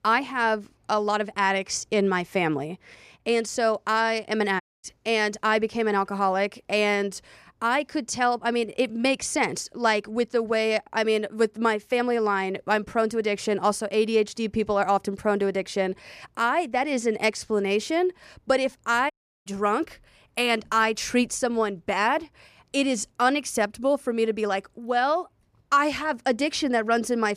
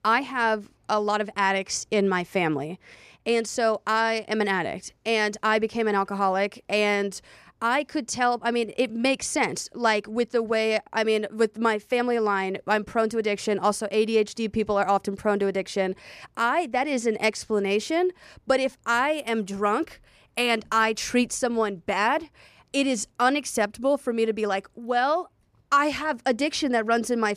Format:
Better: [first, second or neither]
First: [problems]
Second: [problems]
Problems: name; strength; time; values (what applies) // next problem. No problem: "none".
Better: second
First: audio cutting out; at 4.5 s and at 19 s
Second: none